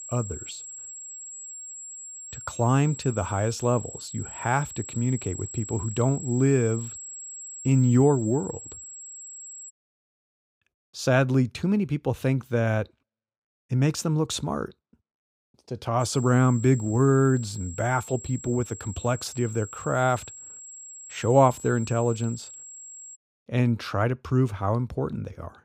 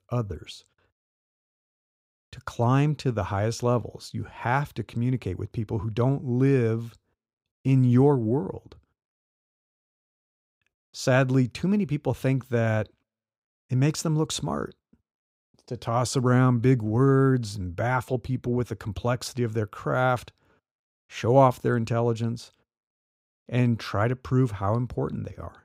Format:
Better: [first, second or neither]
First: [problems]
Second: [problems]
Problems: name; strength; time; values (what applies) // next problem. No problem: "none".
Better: second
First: high-pitched whine; noticeable; until 9.5 s and from 16 to 23 s; 7.5 kHz, 15 dB below the speech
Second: none